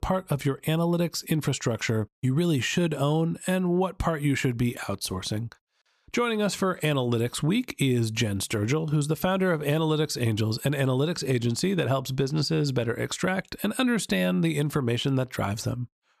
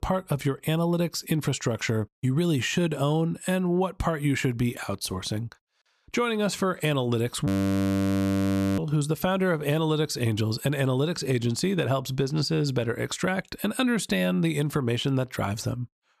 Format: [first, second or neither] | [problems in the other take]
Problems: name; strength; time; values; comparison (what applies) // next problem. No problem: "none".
first | audio freezing; at 7.5 s for 1.5 s